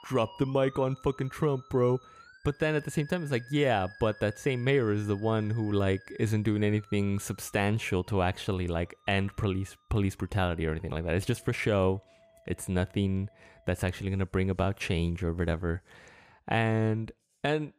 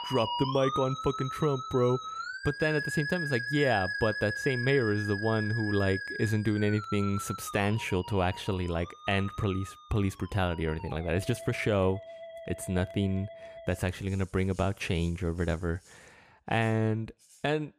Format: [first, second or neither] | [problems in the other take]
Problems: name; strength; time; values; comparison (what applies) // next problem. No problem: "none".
first | background music; loud; throughout; 7 dB below the speech; faint in the first